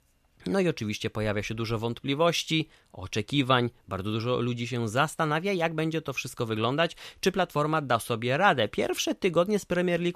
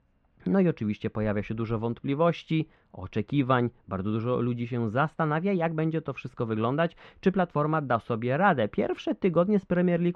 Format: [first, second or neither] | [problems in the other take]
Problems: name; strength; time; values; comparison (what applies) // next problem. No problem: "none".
first | muffled; very; fading above 1.5 kHz